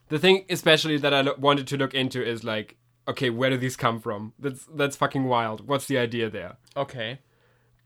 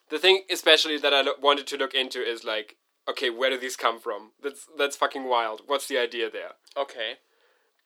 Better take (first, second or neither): first